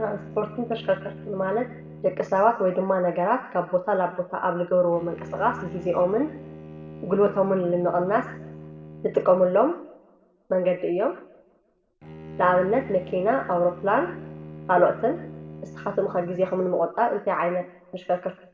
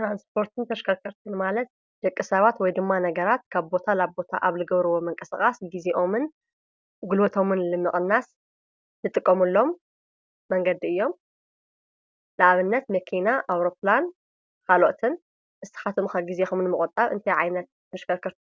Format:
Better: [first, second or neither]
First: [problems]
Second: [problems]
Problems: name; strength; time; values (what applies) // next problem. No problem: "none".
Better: second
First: background sound (Bowed string instrument); 17 dB below the speech // room echo; dies away in 0.7 s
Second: none